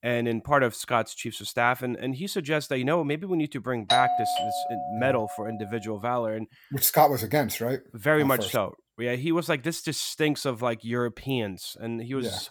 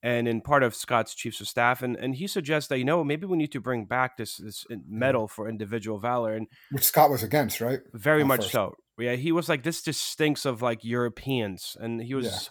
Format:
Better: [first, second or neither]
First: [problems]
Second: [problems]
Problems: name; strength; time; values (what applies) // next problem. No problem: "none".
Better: second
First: doorbell; loud; from 4 to 5.5 s; peak 4 dB above the speech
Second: none